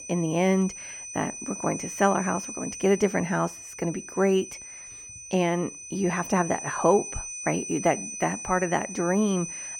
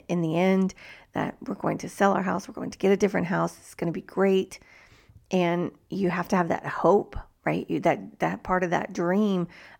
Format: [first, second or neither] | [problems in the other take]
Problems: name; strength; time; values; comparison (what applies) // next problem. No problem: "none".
second | high-pitched whine; loud; throughout; 6 kHz, 9 dB below the speech